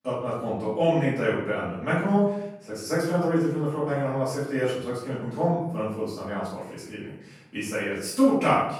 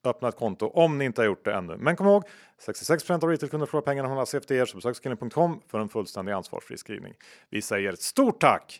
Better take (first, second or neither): second